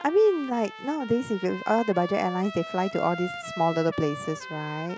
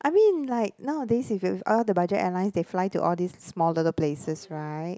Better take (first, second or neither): second